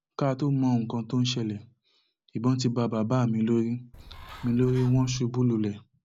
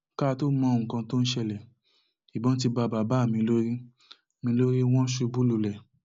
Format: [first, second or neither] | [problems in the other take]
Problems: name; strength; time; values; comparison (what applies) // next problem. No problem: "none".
second | background sound (Bird); 17 dB below the speech